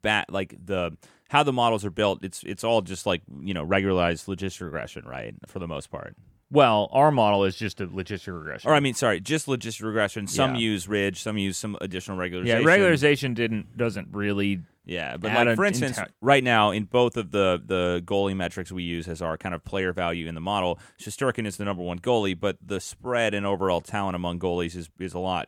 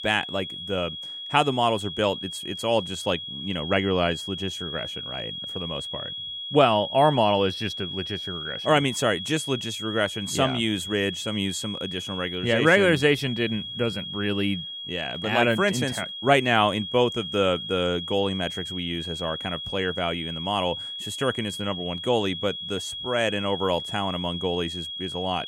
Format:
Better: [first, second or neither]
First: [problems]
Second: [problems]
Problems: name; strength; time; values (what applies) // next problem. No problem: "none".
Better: first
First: none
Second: high-pitched whine; loud; throughout; 3.5 kHz, 7 dB below the speech